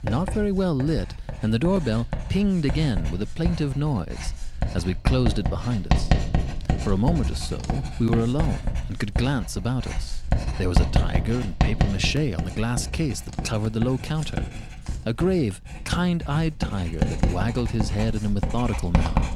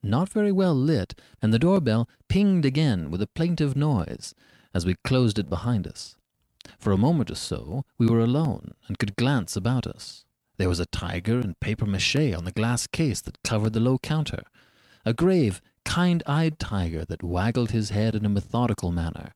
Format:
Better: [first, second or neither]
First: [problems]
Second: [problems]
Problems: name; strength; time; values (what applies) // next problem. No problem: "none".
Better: second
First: household noises; loud; throughout; 3 dB below the speech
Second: none